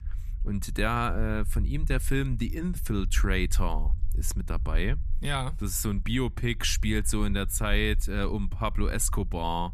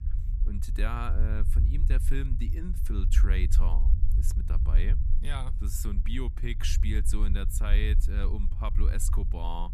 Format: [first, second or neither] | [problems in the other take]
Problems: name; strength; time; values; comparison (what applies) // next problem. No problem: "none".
first | low rumble; loud; throughout; 9 dB below the speech; faint in the first